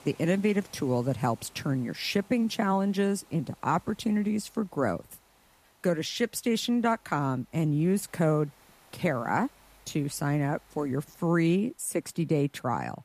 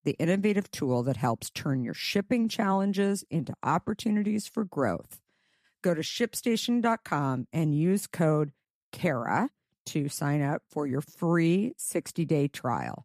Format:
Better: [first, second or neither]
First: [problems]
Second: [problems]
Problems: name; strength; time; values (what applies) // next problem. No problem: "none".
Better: second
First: hiss; faint; throughout; 30 dB below the speech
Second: none